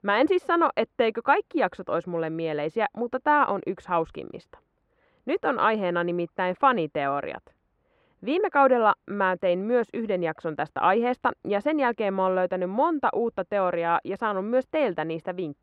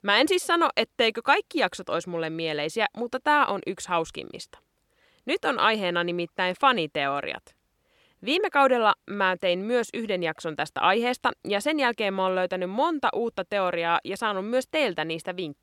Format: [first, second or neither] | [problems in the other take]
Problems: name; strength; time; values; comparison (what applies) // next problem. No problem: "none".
second | muffled; very; fading above 3 kHz